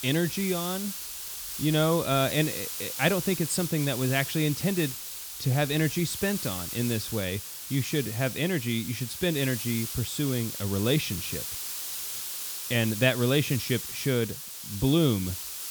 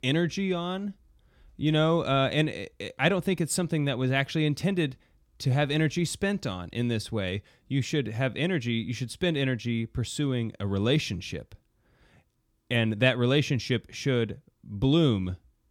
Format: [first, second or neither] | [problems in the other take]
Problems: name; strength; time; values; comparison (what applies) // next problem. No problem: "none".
second | hiss; loud; throughout; 6 dB below the speech